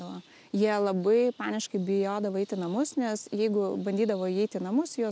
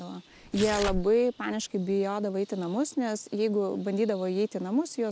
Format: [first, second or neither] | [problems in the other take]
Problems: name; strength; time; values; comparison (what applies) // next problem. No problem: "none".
first | background sound (Tearing); 9 dB below the speech